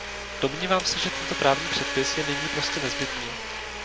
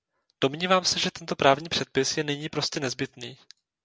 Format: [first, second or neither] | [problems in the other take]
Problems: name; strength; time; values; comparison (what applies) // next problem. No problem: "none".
second | background sound (Domestic sounds, home sounds); 2 dB below the speech